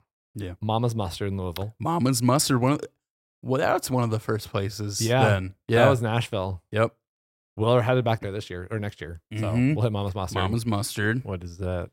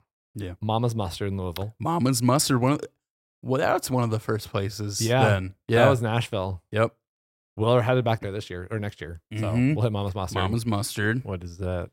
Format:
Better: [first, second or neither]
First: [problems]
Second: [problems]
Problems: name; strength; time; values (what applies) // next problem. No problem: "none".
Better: neither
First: none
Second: none